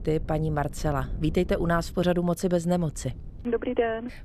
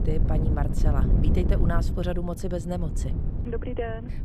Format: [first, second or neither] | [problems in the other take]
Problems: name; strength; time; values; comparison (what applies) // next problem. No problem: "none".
first | wind noise on the microphone; heavy; 5 dB below the speech; occasional gusts in the first